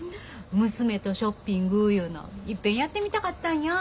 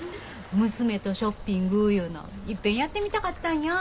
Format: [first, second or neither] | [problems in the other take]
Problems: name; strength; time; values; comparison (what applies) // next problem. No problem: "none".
first | background sound (Waves, surf); 17 dB below the speech